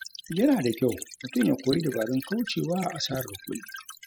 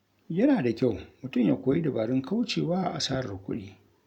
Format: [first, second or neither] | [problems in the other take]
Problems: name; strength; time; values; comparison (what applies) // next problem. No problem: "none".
second | noise reduction (classical method spectral subtraction)